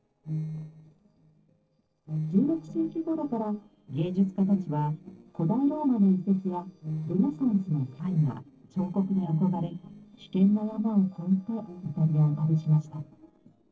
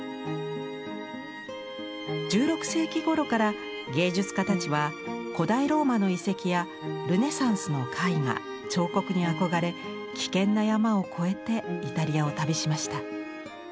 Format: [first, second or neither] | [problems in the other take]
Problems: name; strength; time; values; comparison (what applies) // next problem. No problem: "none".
second | noise reduction (neural separator model SepFormer DNS4)